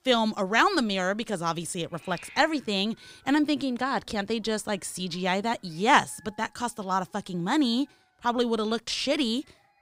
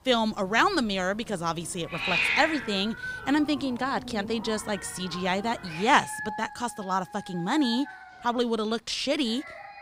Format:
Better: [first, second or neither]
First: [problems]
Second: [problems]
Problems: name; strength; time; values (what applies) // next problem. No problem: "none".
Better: first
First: animal sounds; faint; throughout; 25 dB below the speech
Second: animal sounds; loud; throughout; 6 dB below the speech